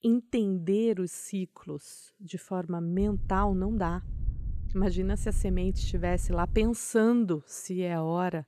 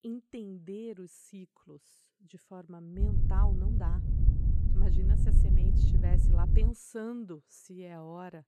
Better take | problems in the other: first | wind noise on the microphone; heavy; from 3 to 6.5 s; as loud as the speech; occasional gusts in the first

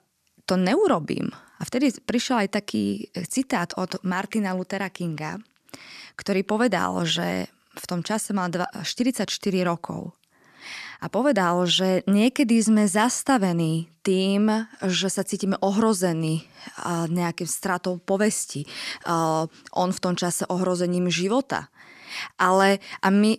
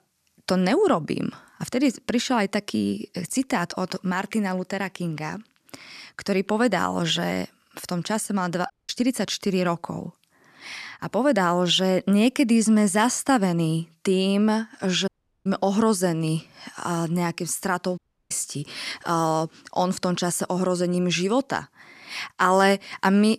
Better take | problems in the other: first | audio cutting out; at 8.5 s, at 15 s and at 18 s

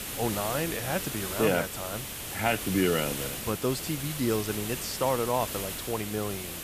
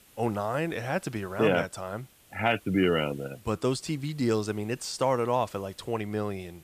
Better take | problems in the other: second | hiss; loud; throughout; 4 dB below the speech; faint in the second

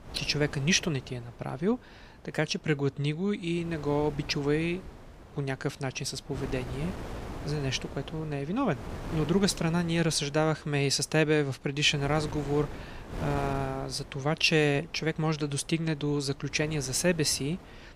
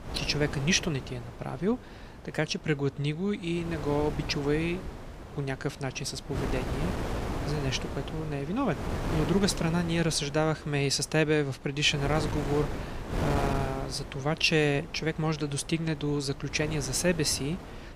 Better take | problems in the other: first | wind noise on the microphone; heavy; 9 dB below the speech; occasional gusts in the first

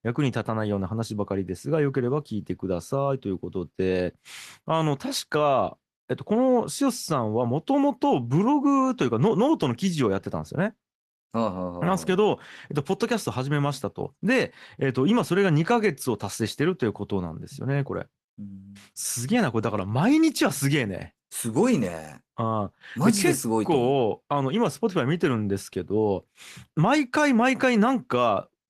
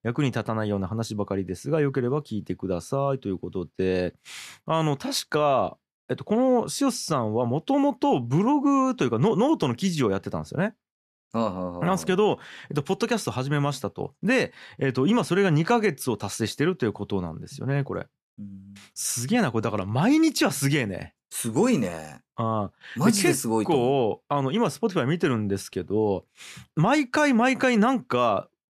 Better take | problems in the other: second | garbled, watery; slightly; nothing above 13.5 kHz

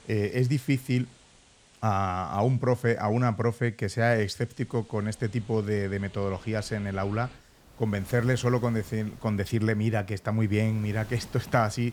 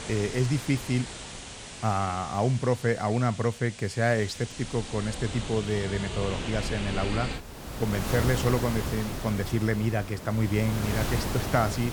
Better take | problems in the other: first | rain or running water; loud; throughout; 7 dB below the speech; faint in the first

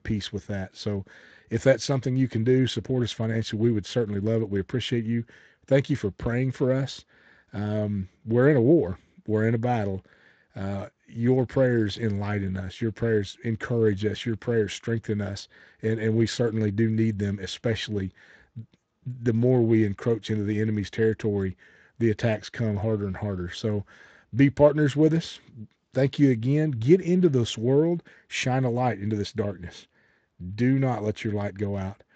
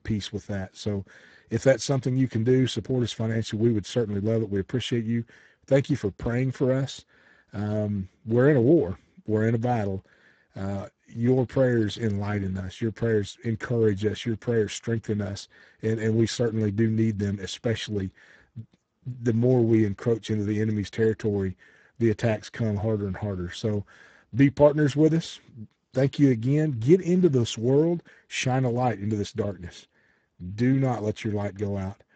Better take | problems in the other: first | garbled, watery; badly; nothing above 8 kHz; slightly in the first

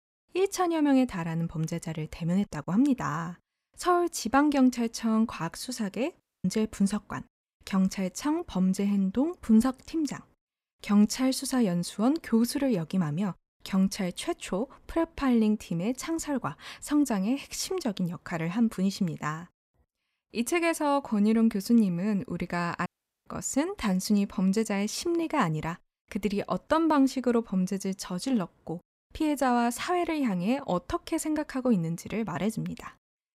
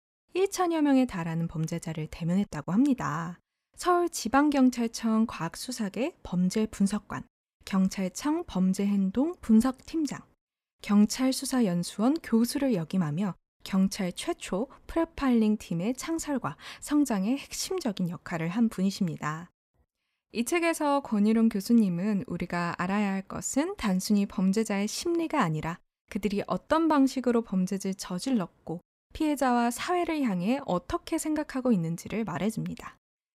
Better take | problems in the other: second | audio cutting out; at 6 s and at 23 s

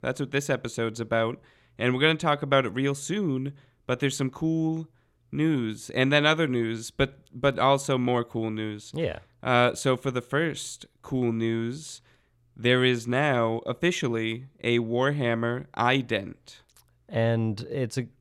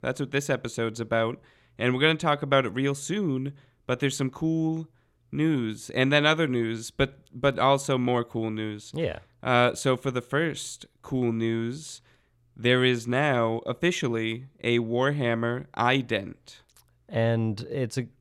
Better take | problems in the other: neither | none

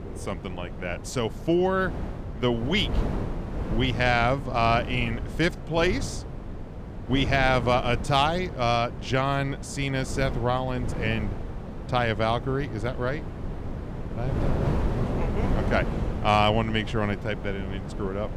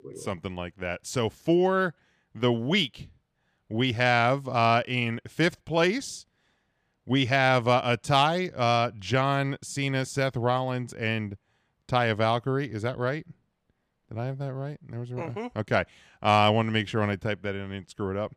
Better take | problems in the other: second | wind noise on the microphone; occasional gusts; 15 dB below the speech

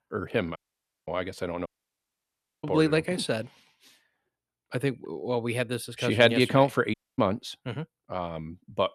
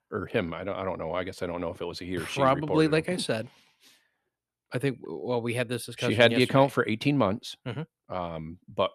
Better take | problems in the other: second | audio cutting out; at 0.5 s for 0.5 s, at 1.5 s for 1 s and at 7 s

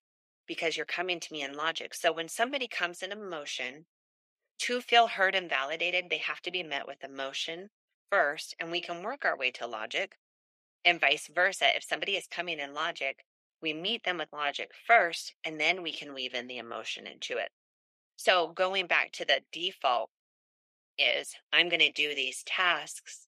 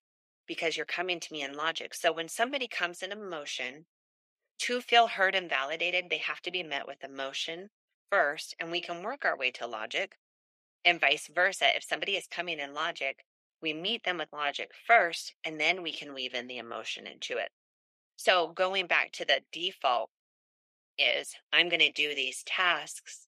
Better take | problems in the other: neither | thin; very; fading below 500 Hz; the same in both

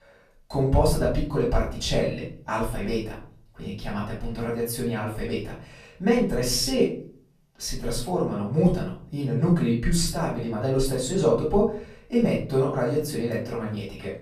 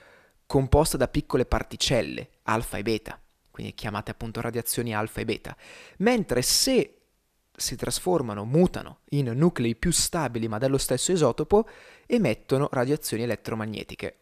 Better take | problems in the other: second | off-mic speech; far // room echo; noticeable; dies away in 0.6 s

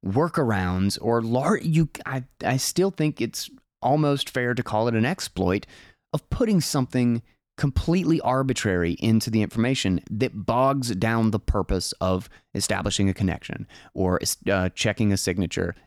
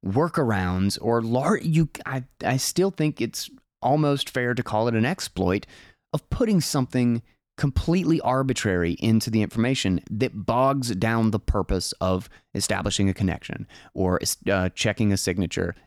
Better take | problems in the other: neither | none

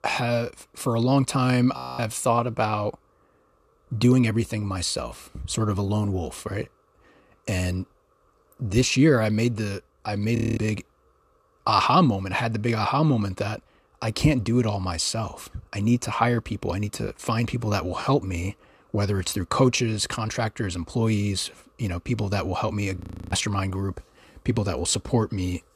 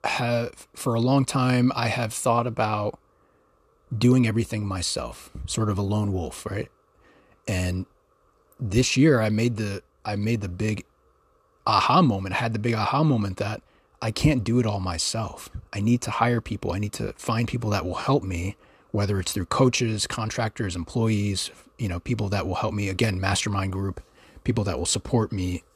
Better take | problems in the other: second | audio freezing; at 2 s, at 10 s and at 23 s

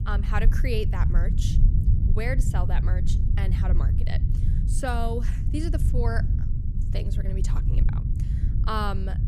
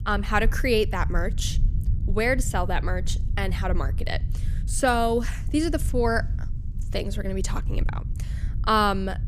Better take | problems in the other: second | low rumble; loud; throughout; 7 dB below the speech; faint in the second

